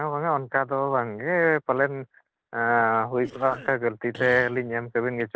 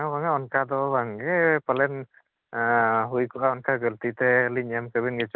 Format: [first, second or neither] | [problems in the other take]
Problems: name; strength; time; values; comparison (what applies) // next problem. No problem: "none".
second | noise reduction (neural separator model SepFormer DNS4)